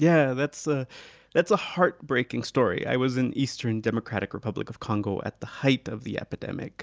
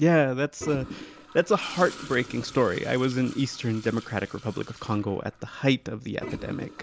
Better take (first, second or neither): first